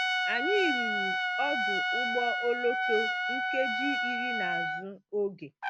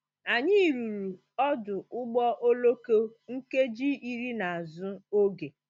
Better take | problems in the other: second | background sound (Trumpet); 3 dB above the speech

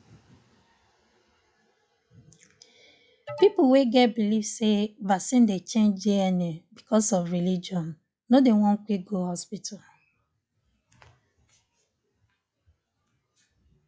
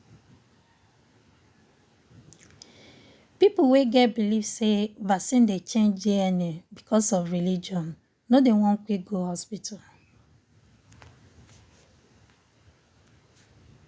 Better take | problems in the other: second | noise reduction (classical method log-MMSE)

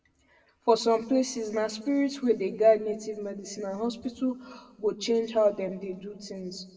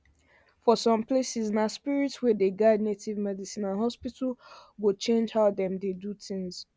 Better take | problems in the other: second | room echo; dies away in 1.1 s

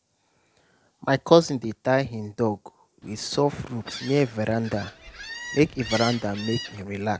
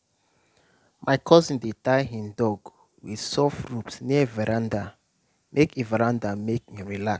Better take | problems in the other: second | background sound (Gull, seagull); 13 dB below the speech

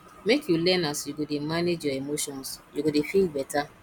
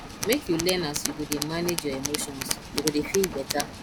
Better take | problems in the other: first | background sound (Tools); 4 dB below the speech

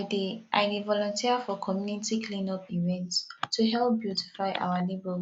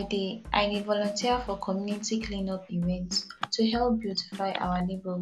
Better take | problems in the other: first | background sound (Drum kit); 15 dB below the speech

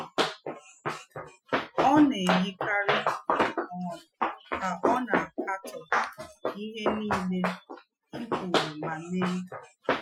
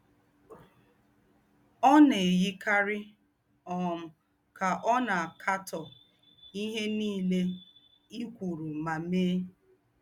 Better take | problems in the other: second | noise reduction (classical method Wiener filter)

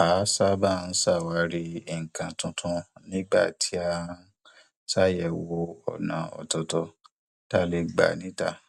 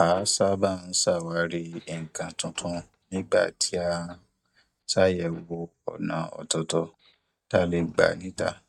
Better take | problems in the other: first | noise reduction (neural mask model DeepFilterNet 3)

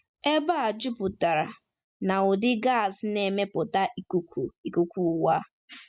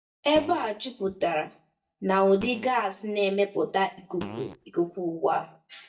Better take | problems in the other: first | noise reduction (neural mask model DeepFilterNet 3)

